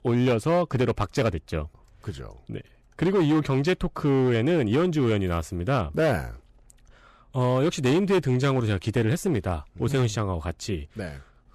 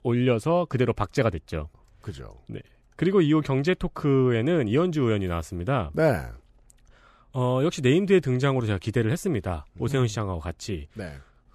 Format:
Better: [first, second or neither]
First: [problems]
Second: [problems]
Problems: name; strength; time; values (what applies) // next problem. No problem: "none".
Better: second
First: distortion; slight; 8% of the sound clipped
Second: none